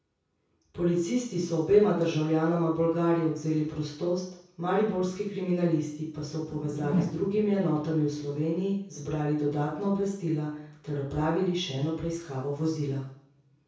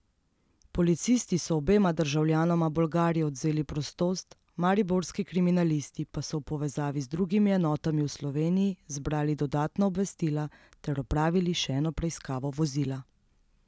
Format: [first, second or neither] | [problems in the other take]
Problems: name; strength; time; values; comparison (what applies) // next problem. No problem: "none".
second | background sound (Whoosh, swoosh, swish); 4 dB below the speech // room echo; dies away in 0.6 s